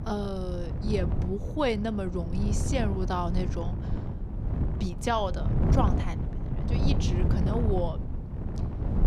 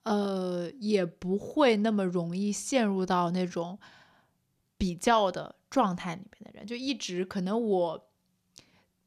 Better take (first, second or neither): second